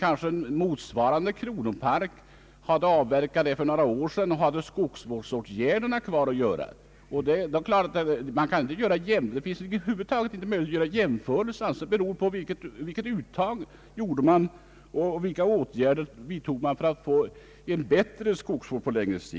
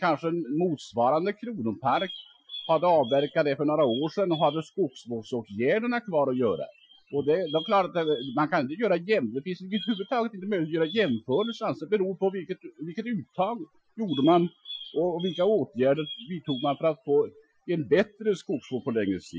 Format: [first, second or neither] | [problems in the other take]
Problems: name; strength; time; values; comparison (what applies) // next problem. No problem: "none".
first | noise reduction (classical method Wiener filter)